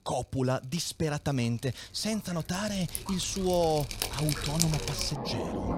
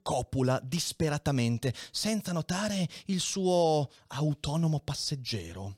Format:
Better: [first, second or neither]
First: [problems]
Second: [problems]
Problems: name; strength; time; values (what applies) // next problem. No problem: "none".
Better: second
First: rain or running water; loud; throughout; 4 dB below the speech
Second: none